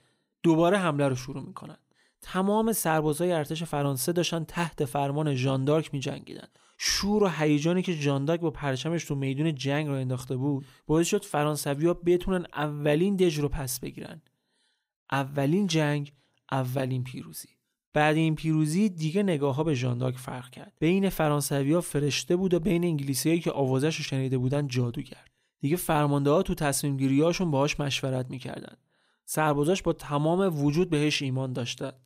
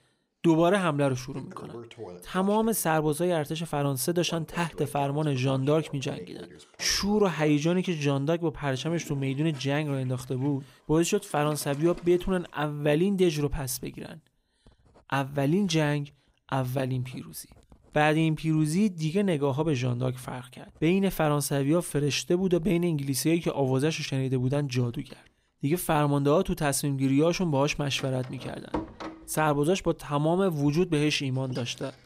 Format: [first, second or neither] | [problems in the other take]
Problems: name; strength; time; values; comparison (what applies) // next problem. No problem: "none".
first | household noises; noticeable; throughout; 20 dB below the speech